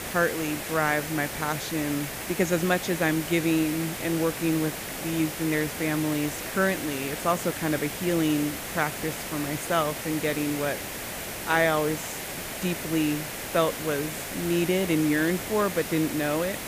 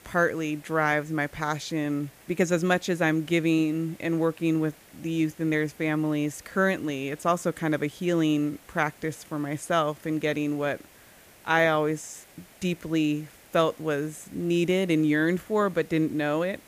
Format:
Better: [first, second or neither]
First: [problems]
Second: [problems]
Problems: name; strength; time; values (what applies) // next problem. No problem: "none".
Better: second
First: hiss; loud; throughout; 6 dB below the speech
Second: hiss; faint; throughout; 25 dB below the speech